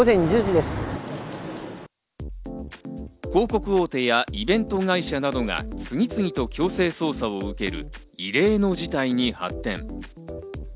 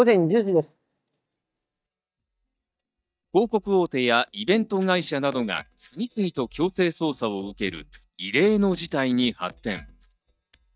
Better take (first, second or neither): first